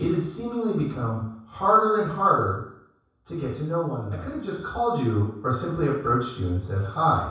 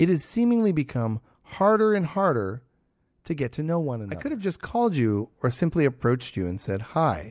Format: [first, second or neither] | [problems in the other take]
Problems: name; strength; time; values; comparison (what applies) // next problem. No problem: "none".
second | room echo; dies away in 0.7 s